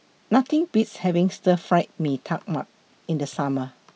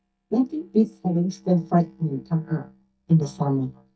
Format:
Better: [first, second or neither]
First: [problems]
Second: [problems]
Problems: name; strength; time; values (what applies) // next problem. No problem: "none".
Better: first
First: none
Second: noise reduction (neural mask model DeepFilterNet 3)